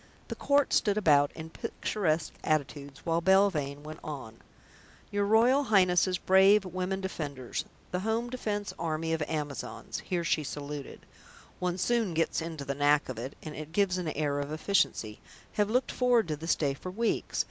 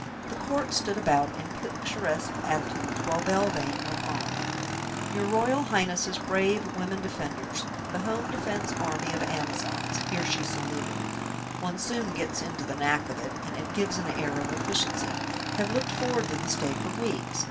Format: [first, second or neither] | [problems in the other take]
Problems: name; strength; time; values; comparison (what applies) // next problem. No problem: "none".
first | background sound (Motorcycle / Engine); 1 dB below the speech // room echo; dies away in 0.2 s